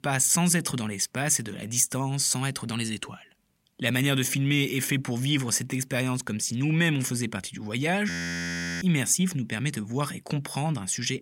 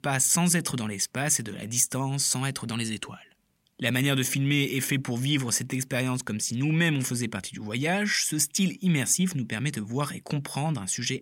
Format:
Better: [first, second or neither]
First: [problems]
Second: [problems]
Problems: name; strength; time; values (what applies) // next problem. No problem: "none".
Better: second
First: audio freezing; at 8 s for 0.5 s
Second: none